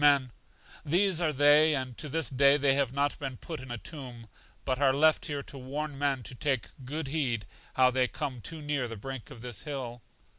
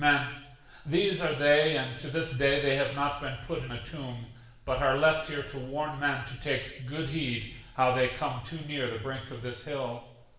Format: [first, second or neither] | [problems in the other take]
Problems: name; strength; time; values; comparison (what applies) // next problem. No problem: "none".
first | room echo; dies away in 0.8 s